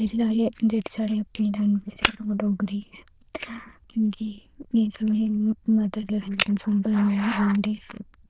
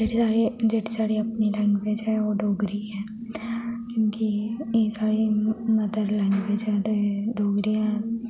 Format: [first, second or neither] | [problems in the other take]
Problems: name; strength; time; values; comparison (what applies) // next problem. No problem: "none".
second | noise reduction (neural diffusion model UNIVERSE++)